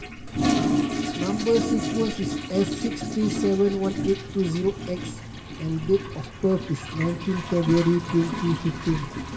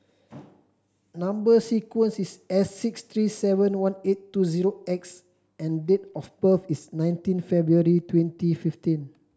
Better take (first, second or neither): second